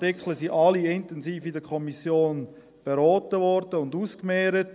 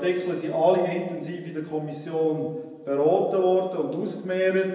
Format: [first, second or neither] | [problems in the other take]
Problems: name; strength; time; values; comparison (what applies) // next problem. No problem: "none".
first | room echo; dies away in 1 s